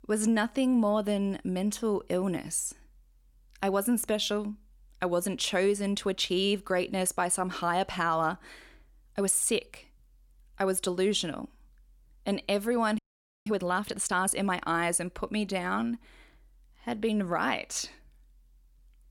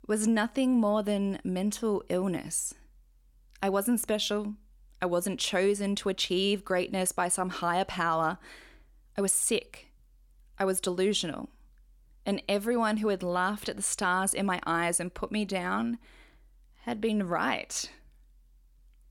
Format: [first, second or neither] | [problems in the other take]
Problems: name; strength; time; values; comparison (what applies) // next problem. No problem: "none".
second | audio freezing; at 13 s